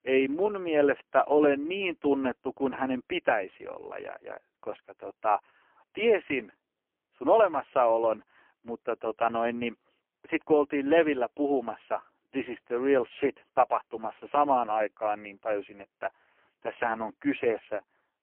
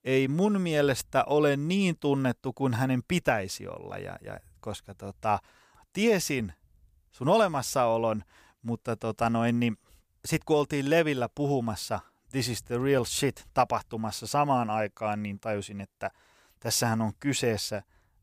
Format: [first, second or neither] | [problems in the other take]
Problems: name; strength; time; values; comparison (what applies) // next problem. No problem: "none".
second | phone-call audio; poor line; nothing above 3 kHz